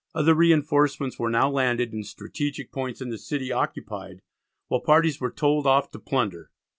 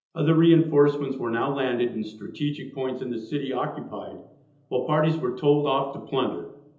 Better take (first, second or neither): first